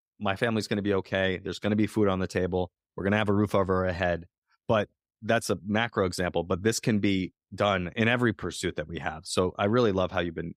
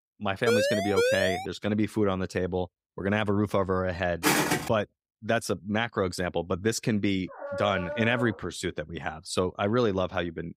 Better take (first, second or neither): first